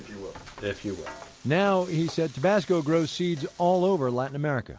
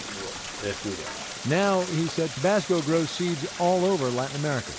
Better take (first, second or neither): first